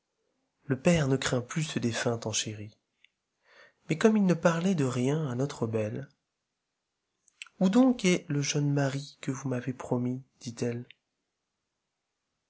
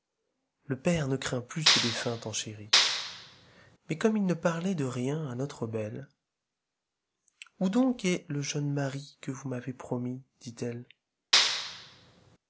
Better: first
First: none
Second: background sound (Clapping); 4 dB above the speech

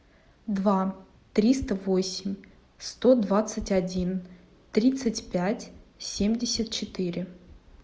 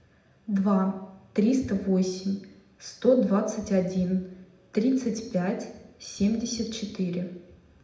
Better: first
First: none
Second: room echo; dies away in 0.7 s

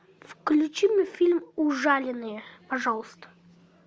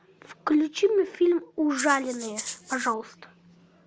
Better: first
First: none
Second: background sound (Rattle (instrument)); 11 dB below the speech

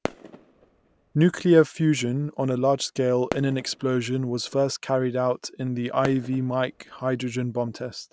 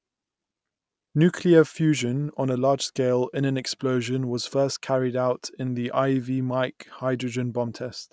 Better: second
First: background sound (Fireworks); 14 dB below the speech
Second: none

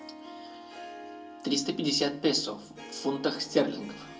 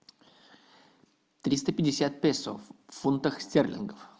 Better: second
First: background sound (Harp); 15 dB below the speech // room echo; dies away in 0.2 s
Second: none

